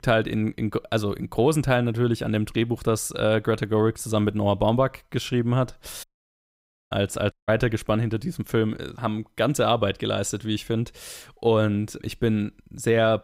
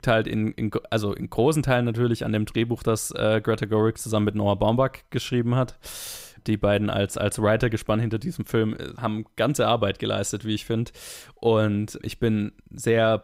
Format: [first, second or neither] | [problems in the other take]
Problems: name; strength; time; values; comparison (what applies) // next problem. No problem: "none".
second | audio cutting out; at 6 s for 1 s and at 7.5 s